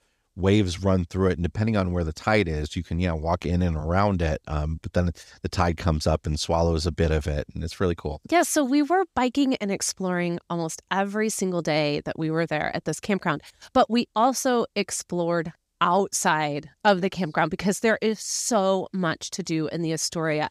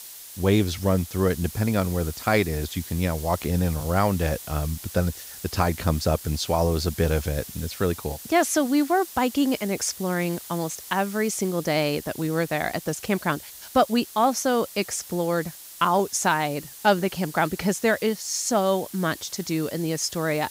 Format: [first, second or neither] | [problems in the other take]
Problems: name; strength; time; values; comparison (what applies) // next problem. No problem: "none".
first | hiss; noticeable; throughout; 15 dB below the speech